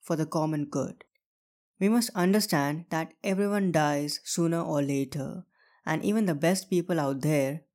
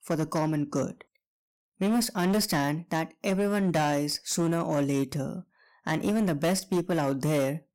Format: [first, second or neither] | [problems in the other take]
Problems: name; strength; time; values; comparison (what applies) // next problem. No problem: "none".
first | distortion; slight; 13% of the sound clipped